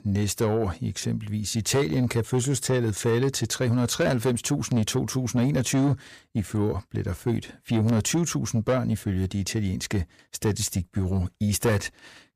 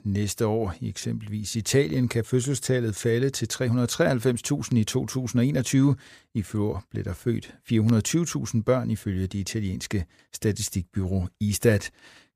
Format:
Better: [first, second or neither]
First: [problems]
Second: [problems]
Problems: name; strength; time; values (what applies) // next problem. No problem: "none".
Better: second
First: distortion; slight; 10 dB below the speech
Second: none